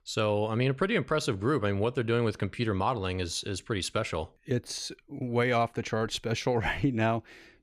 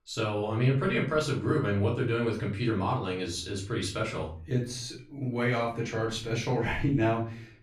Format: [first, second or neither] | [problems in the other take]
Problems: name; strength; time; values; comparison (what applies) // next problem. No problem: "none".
first | off-mic speech; far // room echo; slight; dies away in 0.4 s